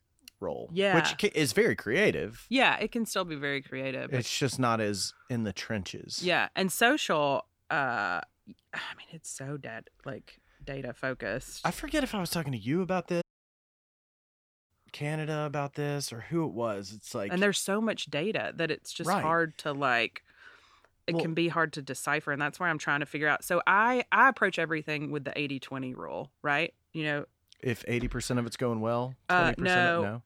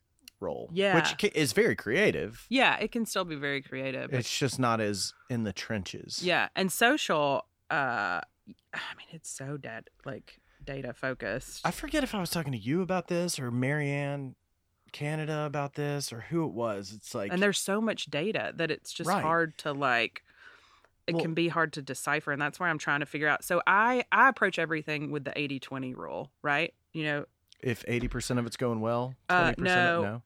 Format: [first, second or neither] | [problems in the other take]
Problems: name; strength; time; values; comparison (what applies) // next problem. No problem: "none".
second | audio cutting out; at 13 s for 1.5 s